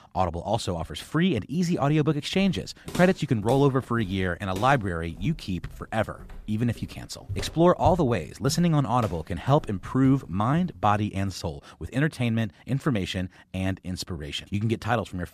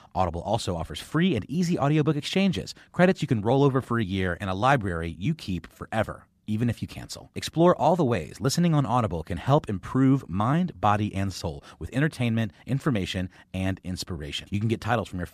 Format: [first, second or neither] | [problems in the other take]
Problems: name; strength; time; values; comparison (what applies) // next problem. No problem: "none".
second | footsteps; noticeable; from 2.5 to 11 s; peak 8 dB below the speech